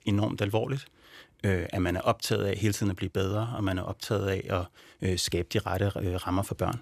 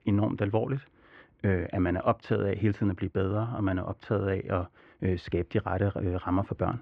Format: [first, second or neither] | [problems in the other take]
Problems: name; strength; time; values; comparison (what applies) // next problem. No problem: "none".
first | muffled; very; fading above 2 kHz